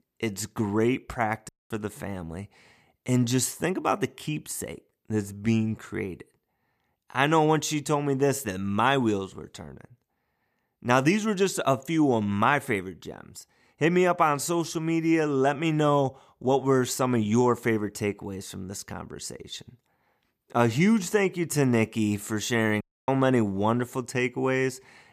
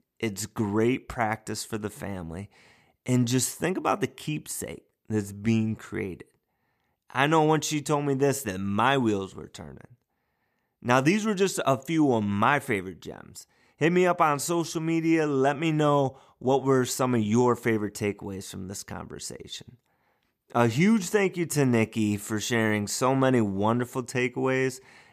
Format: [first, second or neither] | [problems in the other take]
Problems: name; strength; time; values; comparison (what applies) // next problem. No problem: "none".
second | audio cutting out; at 1.5 s and at 23 s